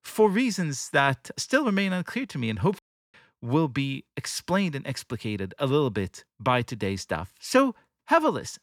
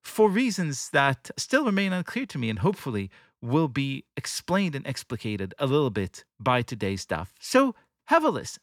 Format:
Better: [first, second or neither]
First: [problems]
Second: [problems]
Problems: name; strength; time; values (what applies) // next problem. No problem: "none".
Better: second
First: audio cutting out; at 3 s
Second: none